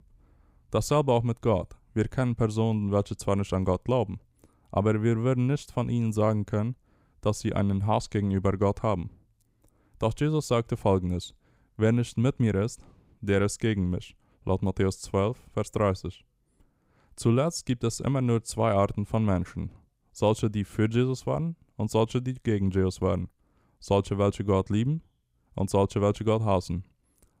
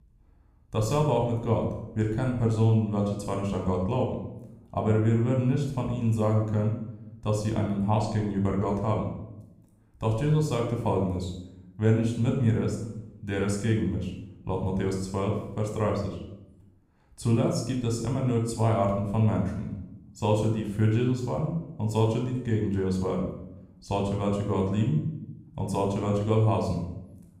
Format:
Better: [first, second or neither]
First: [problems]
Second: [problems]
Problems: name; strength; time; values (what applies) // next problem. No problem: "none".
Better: first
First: none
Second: off-mic speech; somewhat distant // room echo; noticeable; dies away in 0.7 s